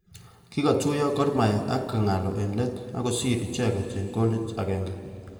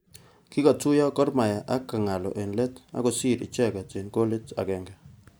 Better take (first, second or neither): second